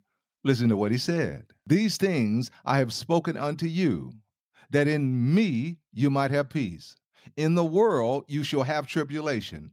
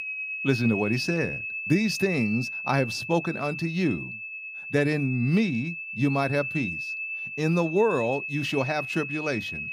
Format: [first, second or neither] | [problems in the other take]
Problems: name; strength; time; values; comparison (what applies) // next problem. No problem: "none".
first | high-pitched whine; loud; throughout; 2.5 kHz, 5 dB below the speech